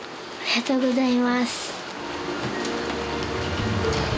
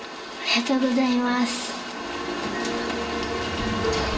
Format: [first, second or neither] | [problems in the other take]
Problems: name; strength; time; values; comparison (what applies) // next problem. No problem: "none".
first | room echo; dies away in 2 s